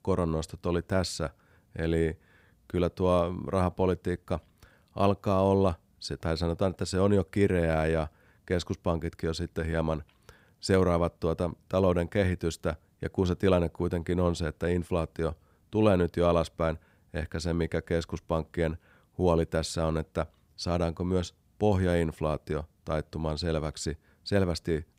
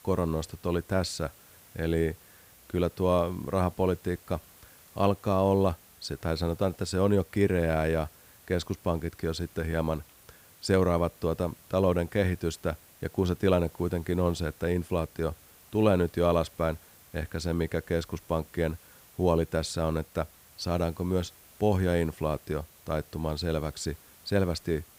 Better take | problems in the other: first | hiss; faint; throughout; 25 dB below the speech

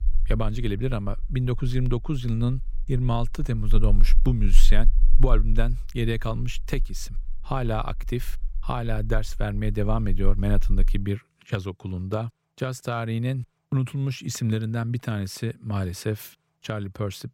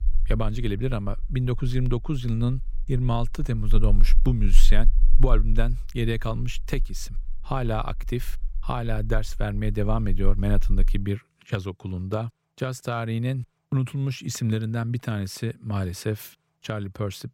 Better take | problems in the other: neither | low rumble; faint; until 11 s; 25 dB below the speech; the same in both

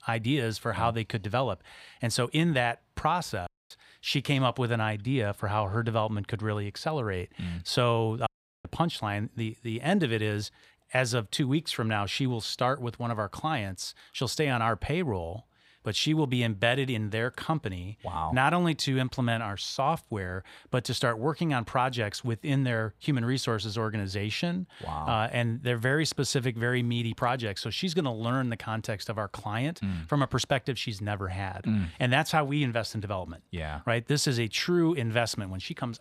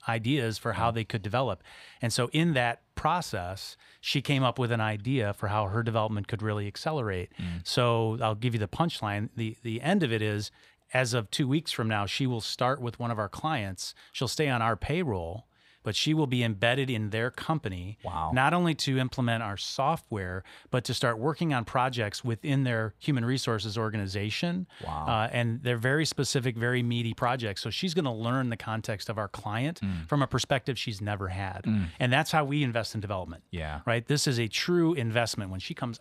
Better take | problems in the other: second | audio cutting out; at 3.5 s and at 8.5 s

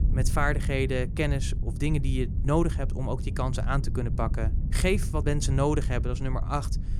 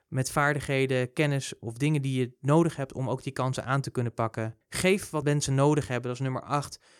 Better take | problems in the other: second | wind noise on the microphone; occasional gusts; 15 dB below the speech

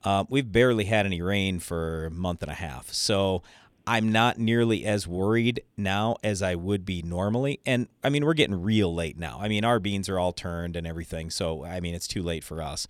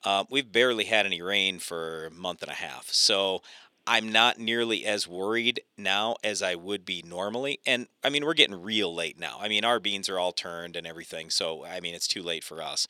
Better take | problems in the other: first | thin; somewhat; fading below 350 Hz

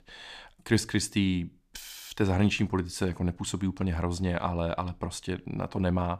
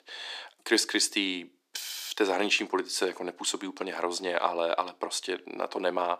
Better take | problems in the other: first | thin; very; fading below 350 Hz

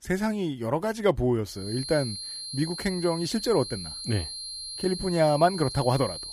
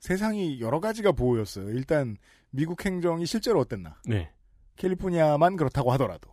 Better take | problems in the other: second | high-pitched whine; loud; from 1.5 s on; 4 kHz, 8 dB below the speech

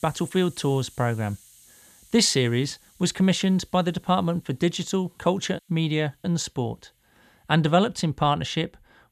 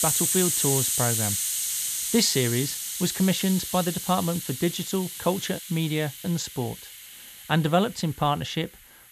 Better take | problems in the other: first | hiss; loud; throughout; as loud as the speech; faint in the first

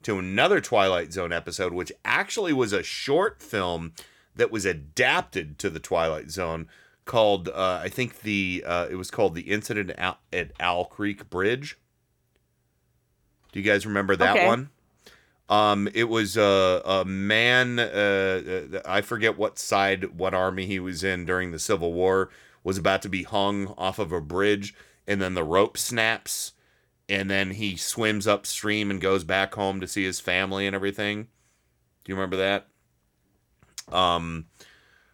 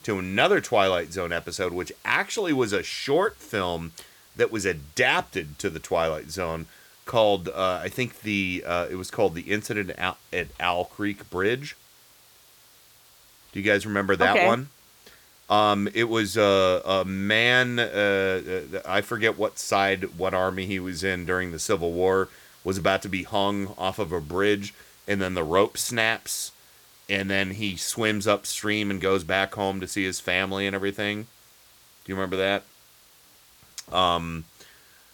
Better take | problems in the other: first | hiss; faint; throughout; 25 dB below the speech

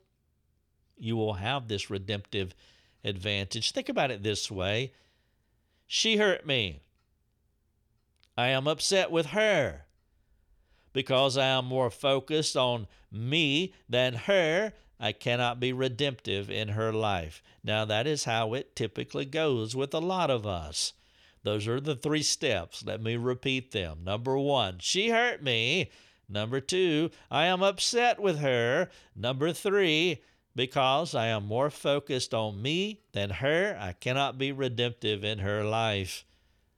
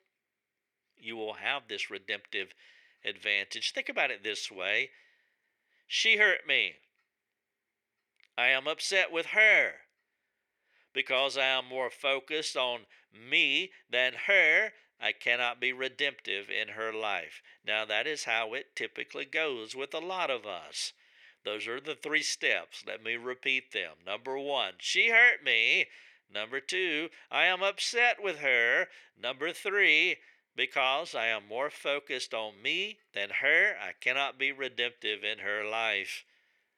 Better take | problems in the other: first | thin; very; fading below 400 Hz

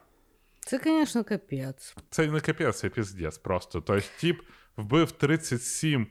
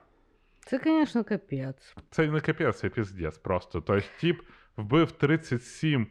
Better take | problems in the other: first | muffled; slightly; fading above 3 kHz

